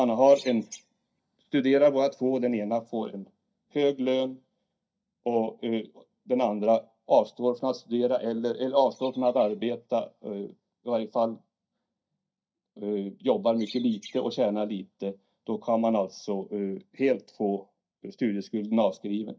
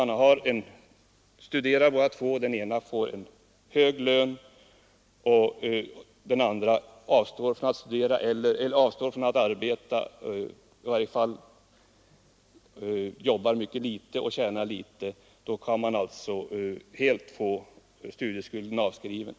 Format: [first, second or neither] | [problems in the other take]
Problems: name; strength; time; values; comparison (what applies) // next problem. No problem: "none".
second | noise reduction (neural mask model DeepFilterNet 3)